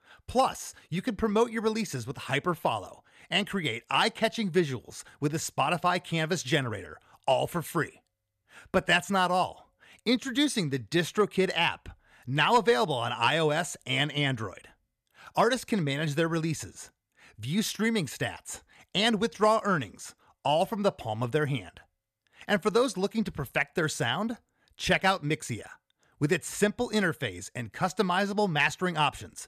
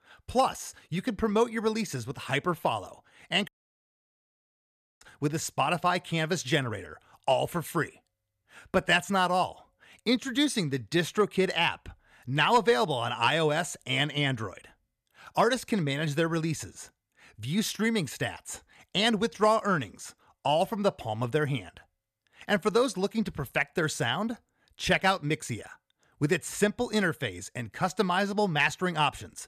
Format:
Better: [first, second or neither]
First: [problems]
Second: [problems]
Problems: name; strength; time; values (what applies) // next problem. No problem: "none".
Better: first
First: none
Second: audio cutting out; at 3.5 s for 1.5 s